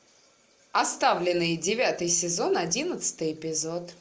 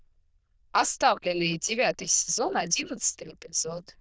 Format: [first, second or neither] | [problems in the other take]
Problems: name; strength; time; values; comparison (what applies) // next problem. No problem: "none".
first | noise reduction (neural diffusion model UNIVERSE++)